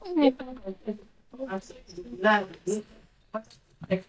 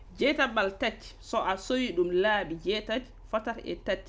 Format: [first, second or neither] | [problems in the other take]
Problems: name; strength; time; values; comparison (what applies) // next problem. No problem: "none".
second | noise reduction (neural mask model DeepFilterNet 3)